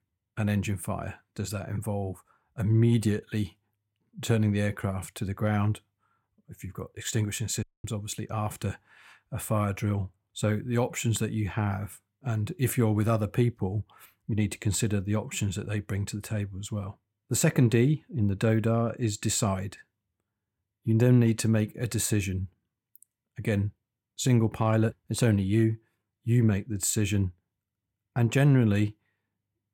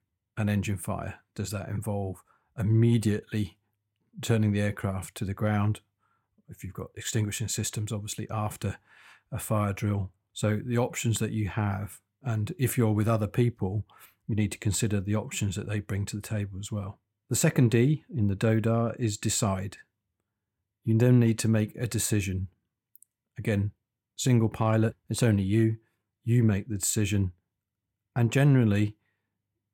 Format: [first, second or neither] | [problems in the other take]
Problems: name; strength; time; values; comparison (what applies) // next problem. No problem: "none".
second | audio cutting out; at 7.5 s